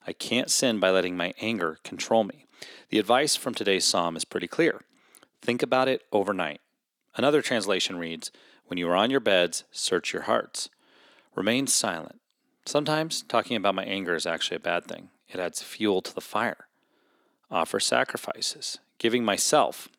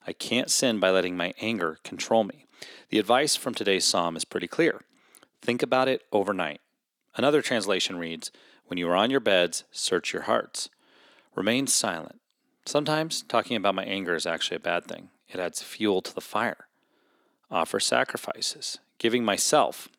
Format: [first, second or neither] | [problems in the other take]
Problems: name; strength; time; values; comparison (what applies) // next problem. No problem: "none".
neither | thin; somewhat; fading below 500 Hz; the same in both